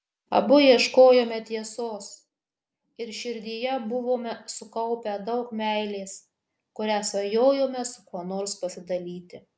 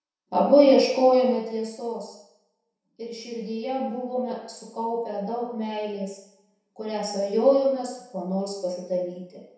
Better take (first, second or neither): first